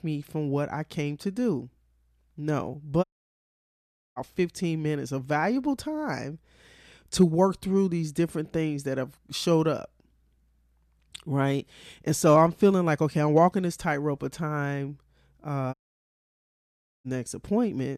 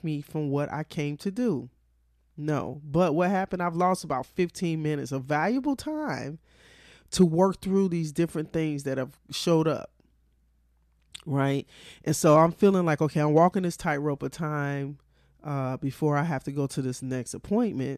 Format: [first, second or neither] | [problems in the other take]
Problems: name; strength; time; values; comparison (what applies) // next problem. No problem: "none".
second | audio cutting out; at 3 s for 1 s and at 16 s for 1.5 s